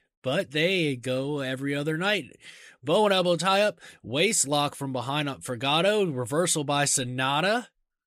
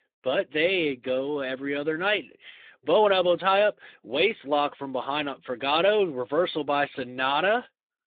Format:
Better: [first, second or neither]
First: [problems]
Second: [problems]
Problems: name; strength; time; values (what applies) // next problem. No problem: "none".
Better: first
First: none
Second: phone-call audio; nothing above 3.5 kHz